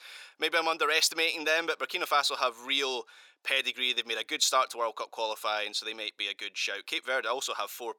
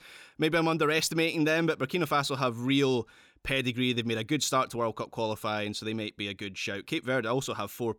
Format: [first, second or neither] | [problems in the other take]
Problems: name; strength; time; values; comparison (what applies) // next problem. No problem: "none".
second | thin; very; fading below 550 Hz